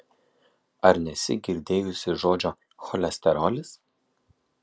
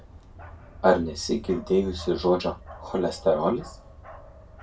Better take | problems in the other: first | background sound (Bark); 16 dB below the speech // room echo; dies away in 0.2 s

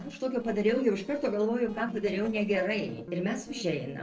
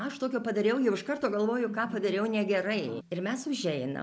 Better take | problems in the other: second | noise reduction (neural separator model SepFormer DNS4)

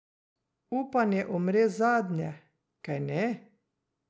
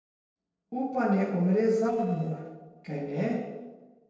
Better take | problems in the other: first | noise reduction (neural separator model SepFormer DNS4)

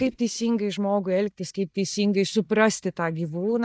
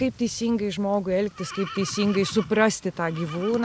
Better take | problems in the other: second | noise reduction (neural mask model DeepFilterNet 3)

